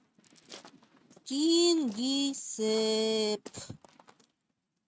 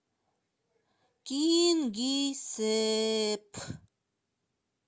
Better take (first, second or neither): second